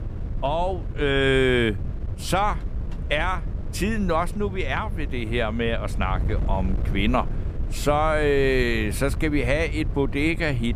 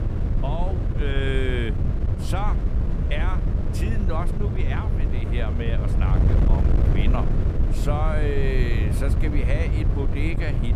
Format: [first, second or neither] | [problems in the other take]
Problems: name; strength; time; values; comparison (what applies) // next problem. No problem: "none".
first | wind noise on the microphone; heavy; 3 dB below the speech; occasional gusts in the first